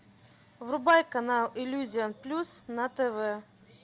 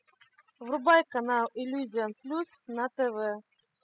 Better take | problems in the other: first | noise reduction (classical method spectral subtraction)

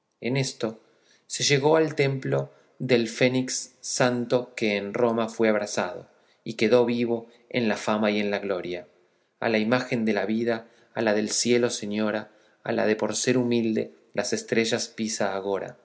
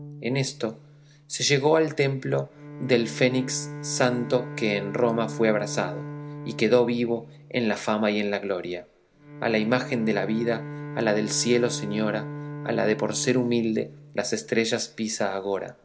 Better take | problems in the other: first | background sound (Bowed string instrument); 12 dB below the speech

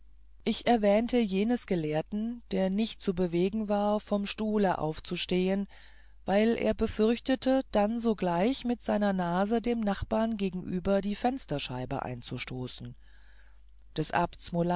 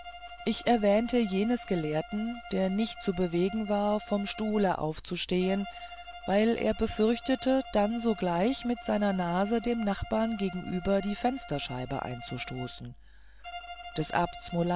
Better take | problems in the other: first | background sound (Bowed string instrument); 16 dB below the speech

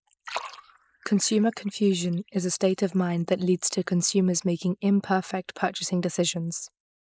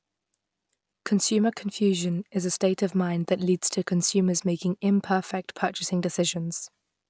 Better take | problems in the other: second | noise reduction (neural mask model Resemble Enhance denoiser)

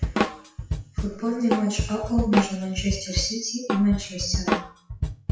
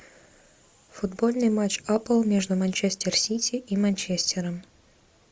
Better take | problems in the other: second | noise reduction (classical method WPE with log-MMSE)

